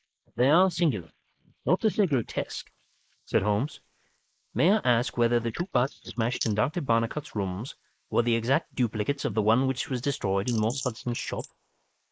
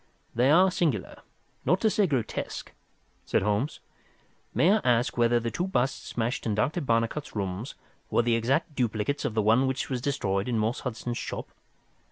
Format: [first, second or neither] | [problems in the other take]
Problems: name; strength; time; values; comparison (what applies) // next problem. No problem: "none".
second | noise reduction (neural mask model Resemble Enhance denoiser)